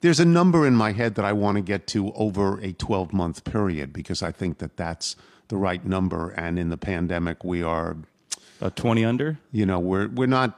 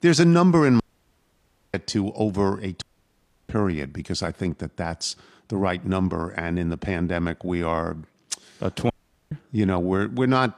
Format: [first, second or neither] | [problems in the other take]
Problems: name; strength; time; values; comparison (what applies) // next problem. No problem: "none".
first | audio cutting out; at 1 s for 1 s, at 3 s for 0.5 s and at 9 s